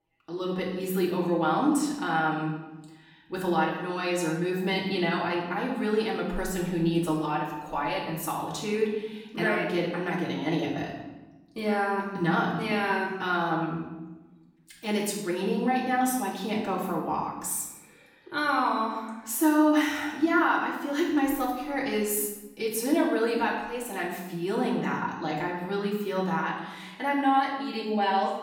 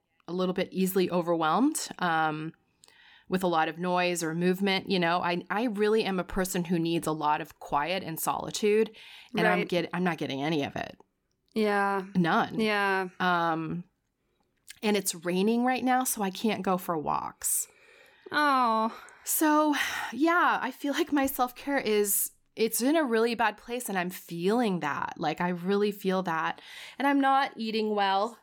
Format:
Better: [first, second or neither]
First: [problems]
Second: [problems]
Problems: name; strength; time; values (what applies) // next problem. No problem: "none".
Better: second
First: off-mic speech; far // room echo; noticeable; dies away in 0.9 s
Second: none